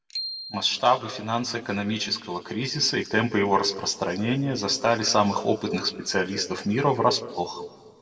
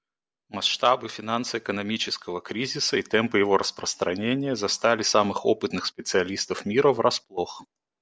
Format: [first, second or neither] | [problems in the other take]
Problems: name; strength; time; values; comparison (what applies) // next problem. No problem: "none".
second | background sound (Bicycle bell); 13 dB below the speech // room echo; dies away in 1.4 s